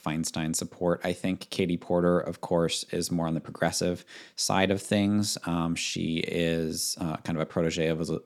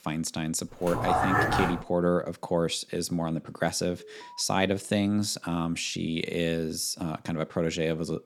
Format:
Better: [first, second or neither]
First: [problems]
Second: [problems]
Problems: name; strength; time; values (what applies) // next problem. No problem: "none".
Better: first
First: none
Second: dog barking; loud; at 1 s; peak 5 dB above the speech // alarm; faint; at 4 s; peak 20 dB below the speech